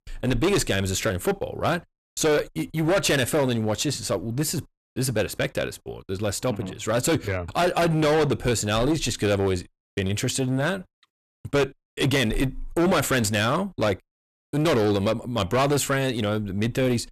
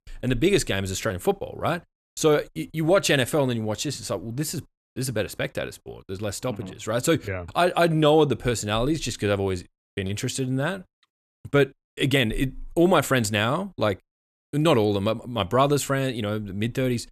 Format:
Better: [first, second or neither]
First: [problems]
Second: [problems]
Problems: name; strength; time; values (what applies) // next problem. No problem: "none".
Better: second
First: distortion; heavy; 13% of the sound clipped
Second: none